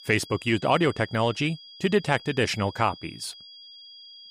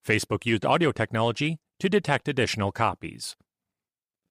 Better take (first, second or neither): second